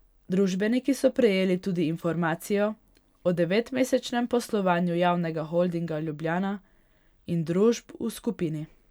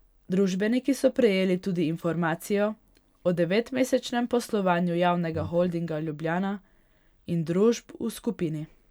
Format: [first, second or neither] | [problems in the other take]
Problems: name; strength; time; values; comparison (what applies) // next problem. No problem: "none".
first | background sound (Breathing); 12 dB below the speech